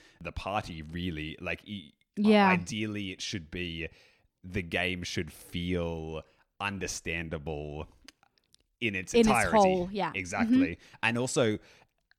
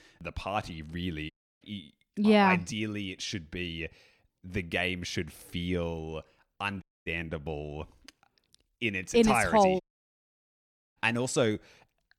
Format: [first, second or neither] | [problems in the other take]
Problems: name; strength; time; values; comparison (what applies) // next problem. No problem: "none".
first | audio cutting out; at 1.5 s, at 7 s and at 10 s for 1 s